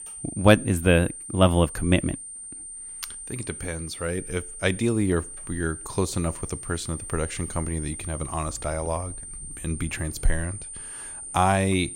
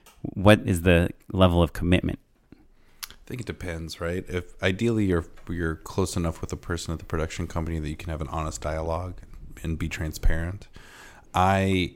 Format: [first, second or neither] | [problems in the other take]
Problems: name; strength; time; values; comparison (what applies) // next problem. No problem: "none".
second | high-pitched whine; loud; throughout; 9 kHz, 10 dB below the speech